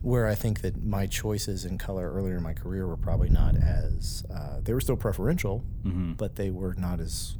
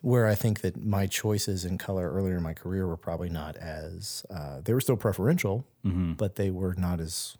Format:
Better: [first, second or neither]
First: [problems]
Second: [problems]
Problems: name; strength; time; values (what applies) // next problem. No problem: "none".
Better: second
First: wind noise on the microphone; occasional gusts; 15 dB below the speech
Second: none